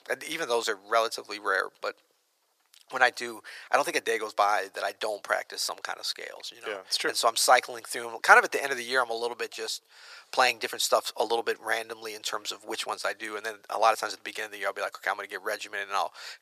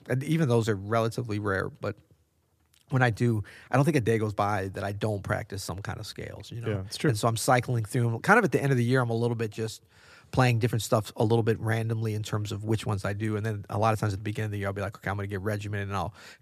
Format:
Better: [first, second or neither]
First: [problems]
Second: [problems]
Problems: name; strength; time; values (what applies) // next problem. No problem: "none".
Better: second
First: thin; very; fading below 600 Hz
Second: none